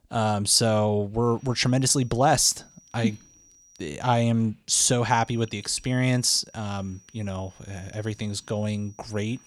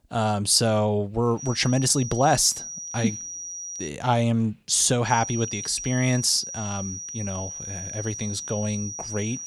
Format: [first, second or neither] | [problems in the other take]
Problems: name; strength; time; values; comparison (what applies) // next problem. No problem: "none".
first | high-pitched whine; loud; from 1.5 to 4 s and from 5 s on; 6 kHz, 9 dB below the speech; faint in the first